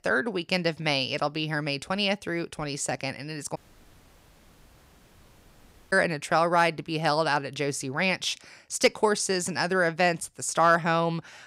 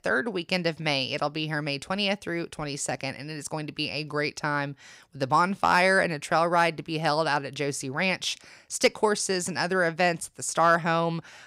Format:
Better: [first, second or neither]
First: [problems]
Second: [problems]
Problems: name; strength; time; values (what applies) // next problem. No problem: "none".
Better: second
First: audio cutting out; at 3.5 s for 2.5 s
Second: none